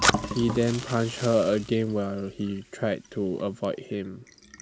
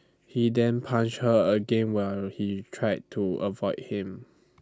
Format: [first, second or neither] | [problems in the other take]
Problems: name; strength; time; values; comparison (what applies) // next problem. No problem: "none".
second | background sound (Fill (with liquid) + Fire); 6 dB below the speech